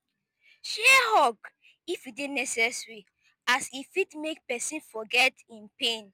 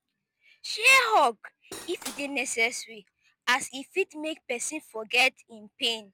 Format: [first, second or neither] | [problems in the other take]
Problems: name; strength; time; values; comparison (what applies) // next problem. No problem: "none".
first | background sound (Cutlery, silverware / Dishes, pots, and pans); 14 dB below the speech